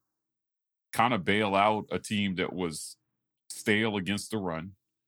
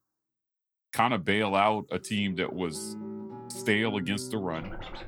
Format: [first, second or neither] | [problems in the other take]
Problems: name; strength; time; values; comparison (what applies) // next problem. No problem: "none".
first | background music; noticeable; from 2.5 s on; 15 dB below the speech